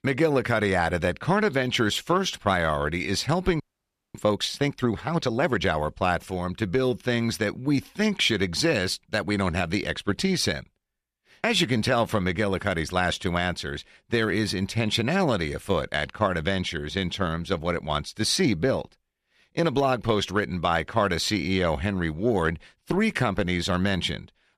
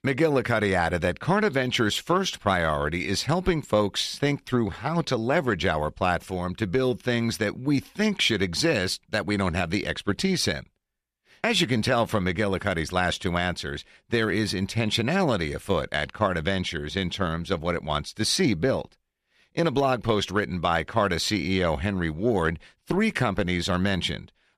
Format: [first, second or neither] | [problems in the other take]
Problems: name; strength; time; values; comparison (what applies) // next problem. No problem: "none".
second | audio freezing; at 3.5 s for 0.5 s